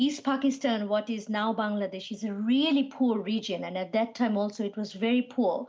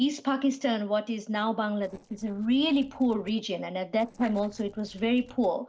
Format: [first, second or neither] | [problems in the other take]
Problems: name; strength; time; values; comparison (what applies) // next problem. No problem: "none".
first | noise reduction (neural separator model SepFormer DNS4)